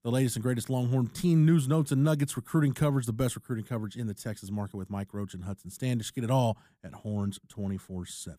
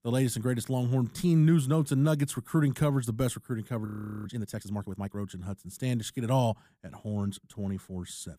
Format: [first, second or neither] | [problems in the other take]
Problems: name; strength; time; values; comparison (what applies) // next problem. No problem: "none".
first | audio freezing; at 4 s